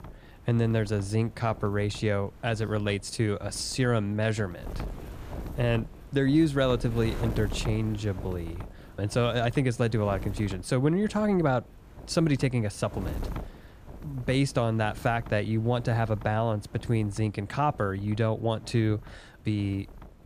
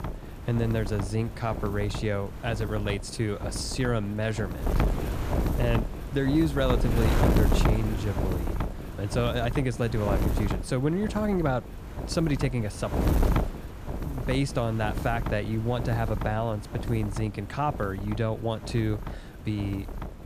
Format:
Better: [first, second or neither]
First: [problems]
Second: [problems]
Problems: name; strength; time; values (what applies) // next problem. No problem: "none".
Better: first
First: wind noise on the microphone; occasional gusts; 15 dB below the speech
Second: wind noise on the microphone; heavy; 5 dB below the speech